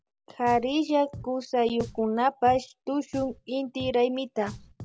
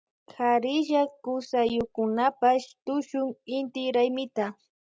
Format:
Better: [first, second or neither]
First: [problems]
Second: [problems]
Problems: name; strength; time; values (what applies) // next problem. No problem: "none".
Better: second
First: background sound (Drum); 19 dB below the speech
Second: none